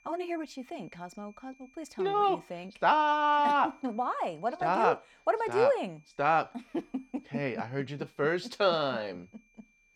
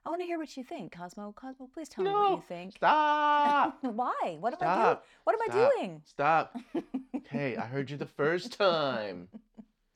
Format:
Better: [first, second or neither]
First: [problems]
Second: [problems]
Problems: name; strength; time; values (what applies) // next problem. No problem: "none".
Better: second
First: high-pitched whine; faint; throughout; 2.5 kHz, 35 dB below the speech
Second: none